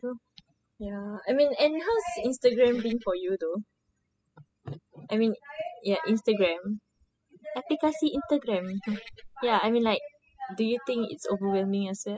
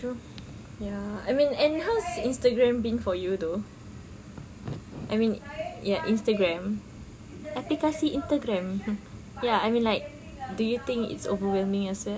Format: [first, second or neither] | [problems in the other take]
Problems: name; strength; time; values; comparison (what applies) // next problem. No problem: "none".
second | noise reduction (classical method spectral subtraction)